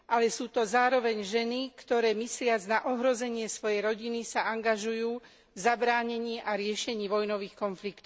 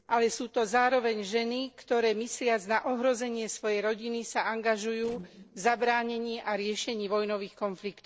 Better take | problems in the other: first | noise reduction (neural separator model SepFormer DNS4)

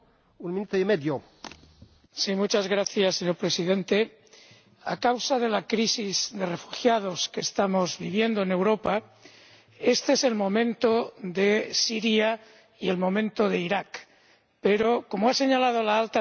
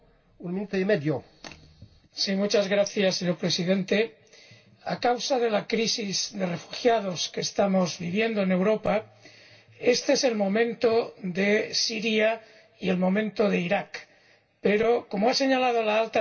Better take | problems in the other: first | room echo; dies away in 0.2 s

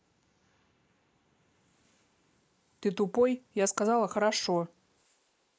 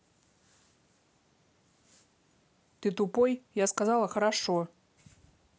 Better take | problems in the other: second | noise reduction (neural mask model Resemble Enhance denoiser)

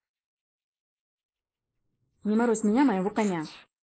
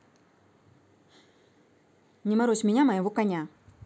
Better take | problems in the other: second | noise reduction (neural mask model Resemble Enhance denoiser)

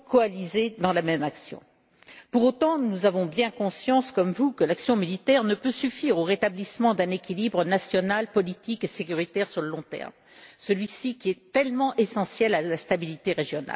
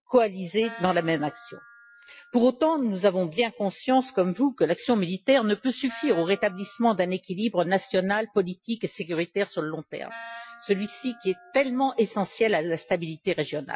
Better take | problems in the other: first | noise reduction (classical method Wiener filter)

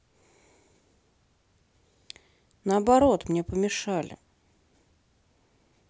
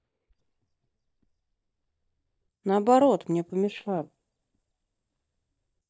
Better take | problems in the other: first | noise reduction (neural mask model DeepFilterNet 3)

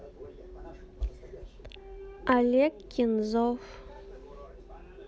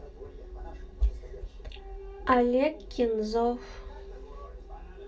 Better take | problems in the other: first | room echo; dies away in 0.2 s

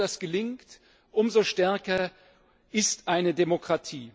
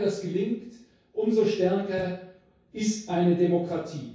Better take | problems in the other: first | room echo; dies away in 0.6 s

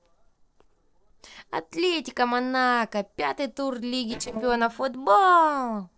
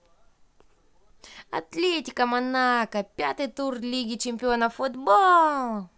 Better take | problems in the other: second | noise reduction (neural separator model SepFormer DNS4)

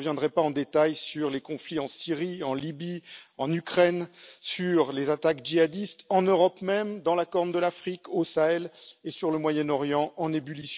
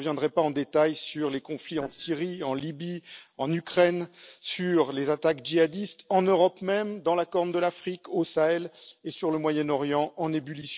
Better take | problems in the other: first | noise reduction (neural separator model SepFormer DNS4)

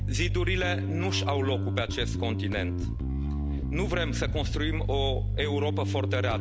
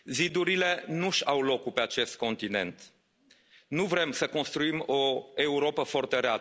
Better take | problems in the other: second | background sound (Bass guitar); 3 dB above the speech

